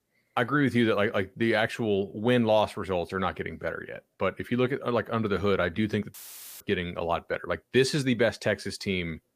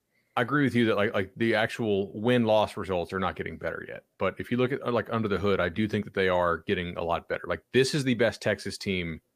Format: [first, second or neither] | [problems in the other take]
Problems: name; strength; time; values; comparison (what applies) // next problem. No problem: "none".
second | audio cutting out; filled with static; at 6 s